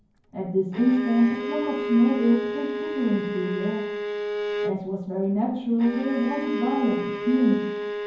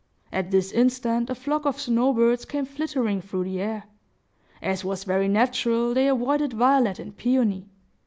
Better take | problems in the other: second | background sound (Bowed string instrument); 6 dB below the speech // room echo; dies away in 0.9 s

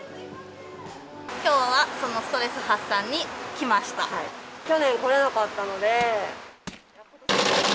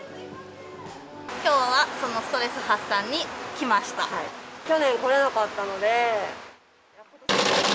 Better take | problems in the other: second | background sound (Crushing); 18 dB below the speech

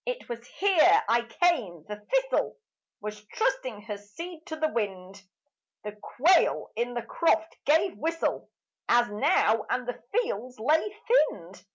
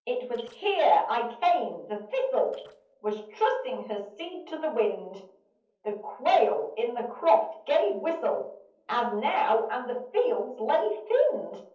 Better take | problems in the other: first | noise reduction (neural separator model SepFormer DNS4)

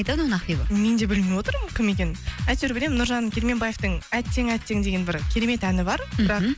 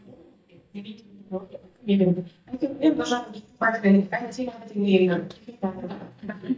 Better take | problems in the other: first | noise reduction (neural mask model DeepFilterNet 3)

